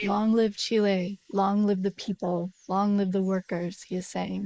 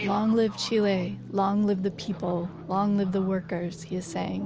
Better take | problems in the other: second | noise reduction (neural mask model Resemble Enhance denoiser)

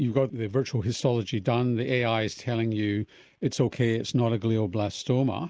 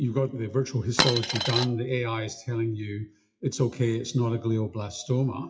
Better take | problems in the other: first | noise reduction (classical method WPE with log-MMSE)

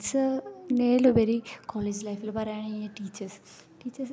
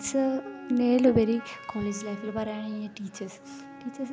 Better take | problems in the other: first | background sound (Wind instrument, woodwind instrument); 16 dB below the speech

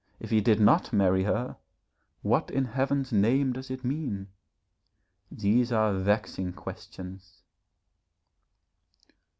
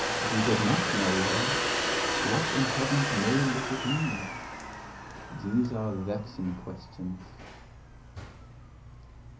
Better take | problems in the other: first | background sound (Domestic sounds, home sounds); as loud as the speech // room echo; dies away in 0.5 s

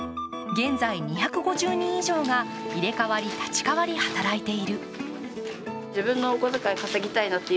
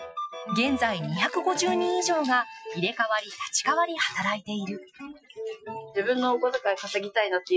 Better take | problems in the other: first | noise reduction (classical method Wiener filter)

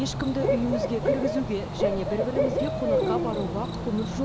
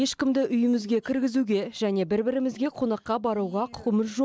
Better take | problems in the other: second | background sound (Cricket / Bird); 2 dB above the speech

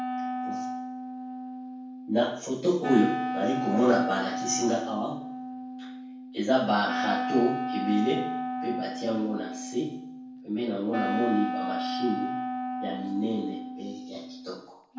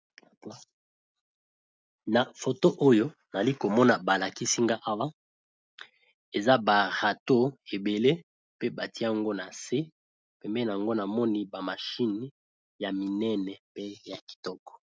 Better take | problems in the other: second | background sound (Wind instrument, woodwind instrument); 4 dB below the speech // room echo; dies away in 0.6 s

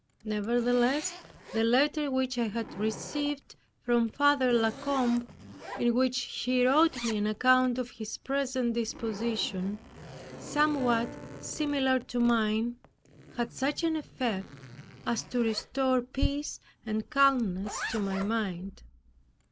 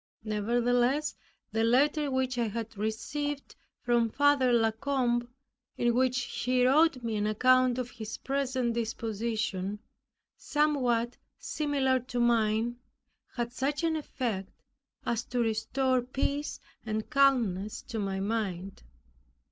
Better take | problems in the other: second | background sound (Zipper (clothing) + Piano); 16 dB below the speech

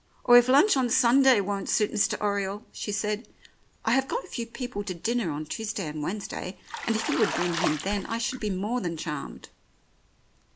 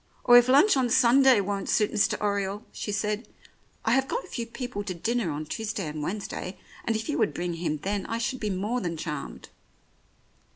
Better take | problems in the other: second | background sound (Bathtub (filling or washing)); 7 dB below the speech

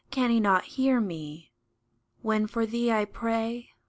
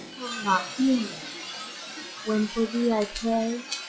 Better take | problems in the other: first | noise reduction (classical method log-MMSE)

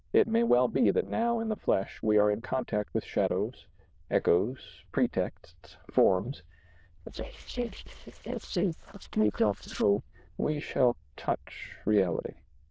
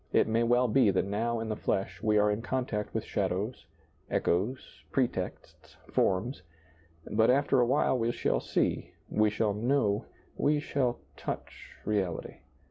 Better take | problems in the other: second | noise reduction (neural diffusion model UNIVERSE++)

